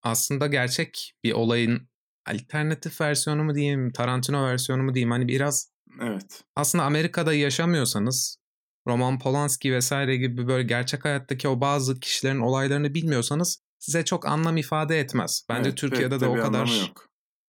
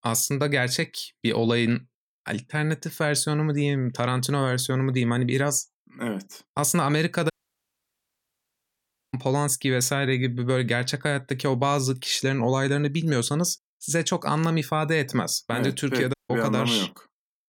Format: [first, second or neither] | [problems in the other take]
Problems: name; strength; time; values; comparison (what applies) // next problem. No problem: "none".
first | audio cutting out; at 7.5 s for 2 s and at 16 s